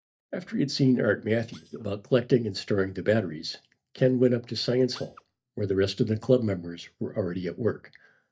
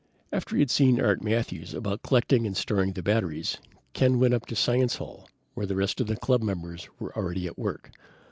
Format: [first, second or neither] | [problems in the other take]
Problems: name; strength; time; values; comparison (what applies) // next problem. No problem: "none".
second | noise reduction (neural mask model DeepFilterNet 3)